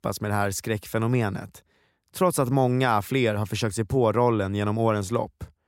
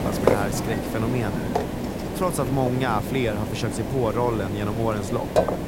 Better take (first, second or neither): first